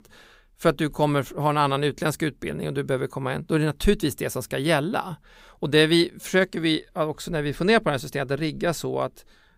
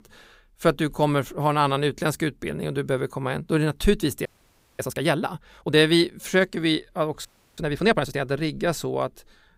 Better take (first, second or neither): first